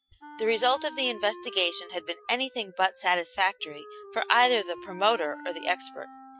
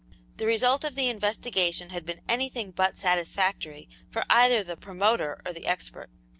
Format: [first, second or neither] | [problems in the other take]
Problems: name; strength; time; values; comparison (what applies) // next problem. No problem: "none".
second | noise reduction (classical method Wiener filter)